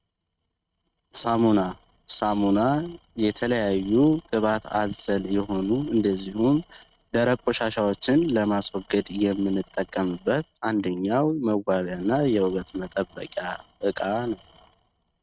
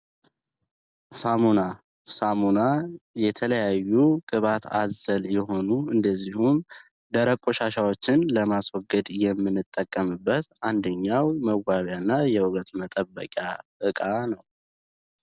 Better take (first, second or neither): second